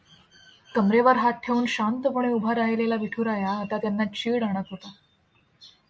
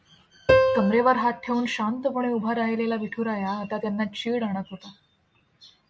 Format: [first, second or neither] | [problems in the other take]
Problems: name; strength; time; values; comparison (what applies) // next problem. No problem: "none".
first | background sound (Piano); 1 dB below the speech